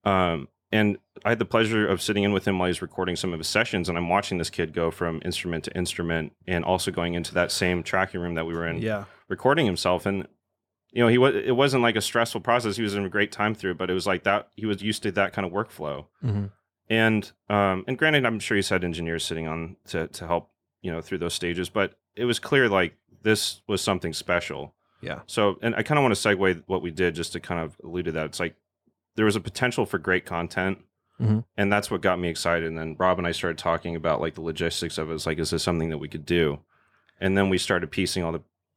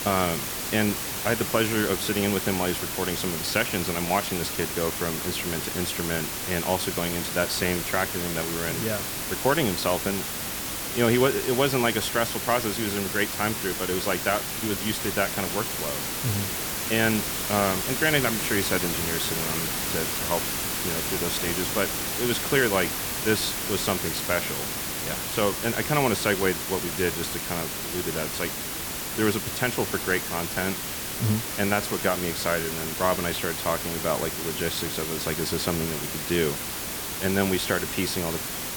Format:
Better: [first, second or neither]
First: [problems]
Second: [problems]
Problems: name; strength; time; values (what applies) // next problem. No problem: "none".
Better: first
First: none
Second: hiss; loud; throughout; 1 dB below the speech